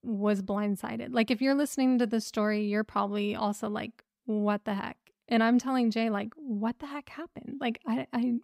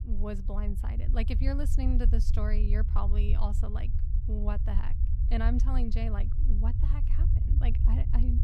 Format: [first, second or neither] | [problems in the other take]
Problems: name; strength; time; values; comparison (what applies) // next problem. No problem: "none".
first | low rumble; loud; throughout; 7 dB below the speech